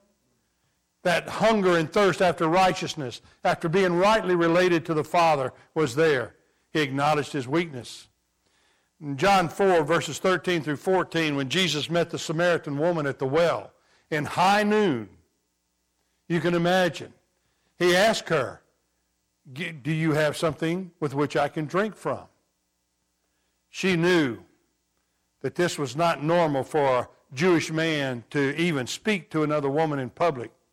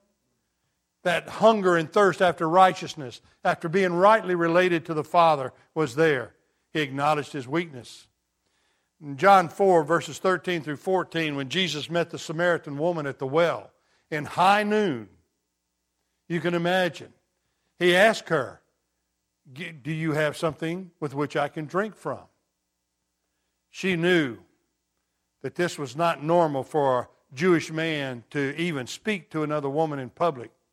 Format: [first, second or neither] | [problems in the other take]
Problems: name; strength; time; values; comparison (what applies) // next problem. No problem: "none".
second | distortion; heavy; 7 dB below the speech